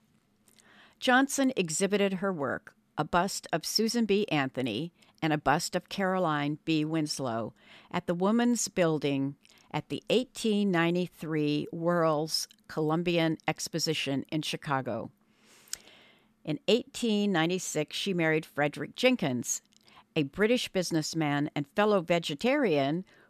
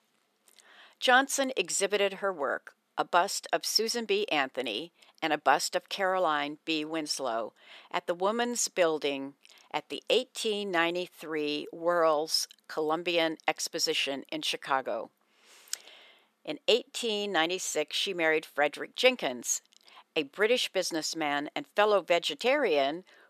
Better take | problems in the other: first | thin; somewhat; fading below 500 Hz

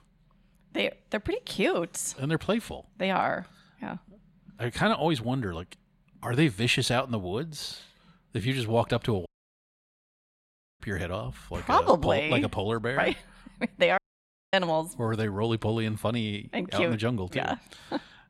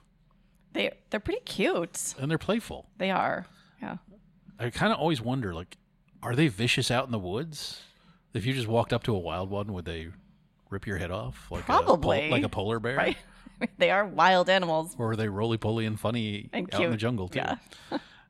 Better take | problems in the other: second | audio cutting out; at 9.5 s for 1.5 s and at 14 s for 0.5 s

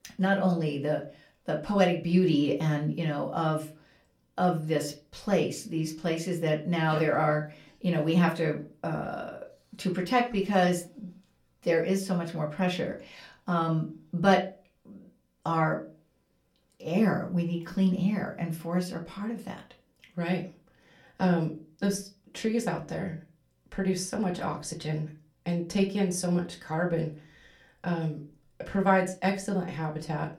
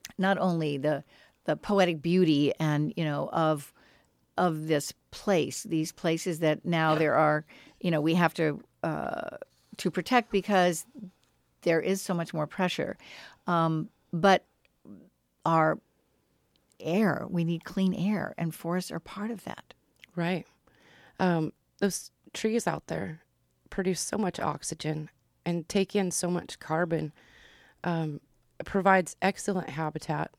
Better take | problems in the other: second | off-mic speech; far // room echo; very slight; dies away in 0.3 s

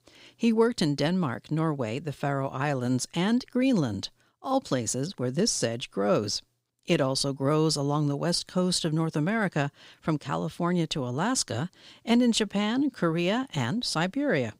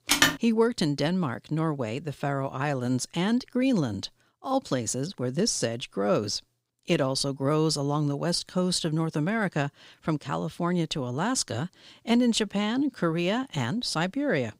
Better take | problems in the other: first | phone ringing; loud; at the start; peak 6 dB above the speech

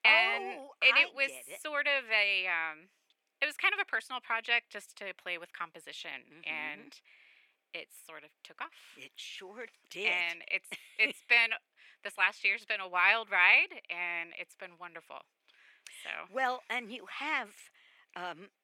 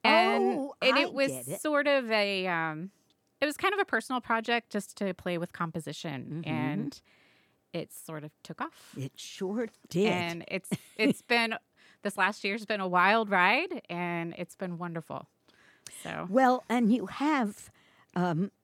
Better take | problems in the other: second | thin; very; fading below 550 Hz

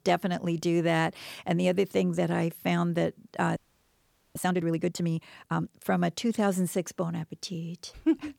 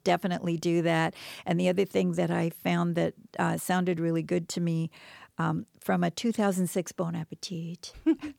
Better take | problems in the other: second | audio freezing; at 3.5 s for 1 s

